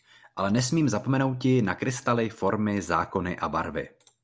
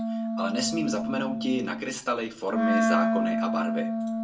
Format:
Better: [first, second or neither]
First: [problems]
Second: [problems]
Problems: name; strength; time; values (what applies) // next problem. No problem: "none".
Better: first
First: none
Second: background sound (Wind instrument, woodwind instrument); 3 dB above the speech // room echo; dies away in 0.2 s